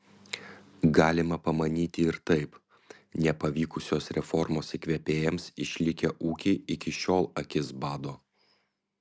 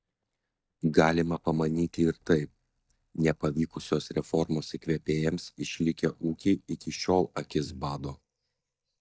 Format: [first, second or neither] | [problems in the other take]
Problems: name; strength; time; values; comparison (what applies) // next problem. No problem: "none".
first | noise reduction (neural mask model DeepFilterNet 3)